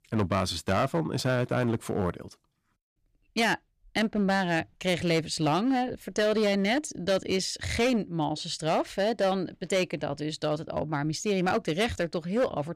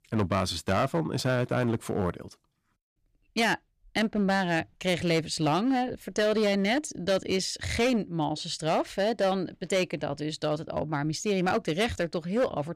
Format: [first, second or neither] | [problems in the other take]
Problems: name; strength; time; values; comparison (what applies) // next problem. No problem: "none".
neither | distortion; slight; 7% of the sound clipped; the same in both